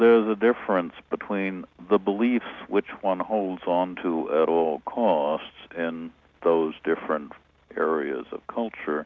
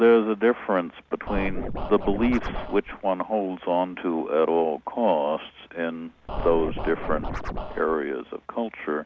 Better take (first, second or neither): first